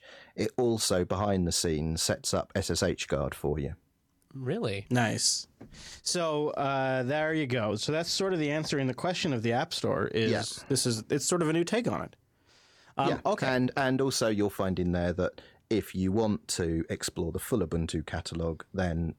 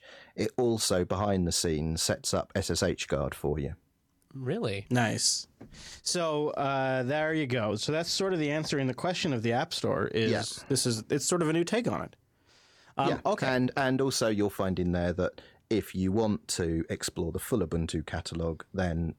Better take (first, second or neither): neither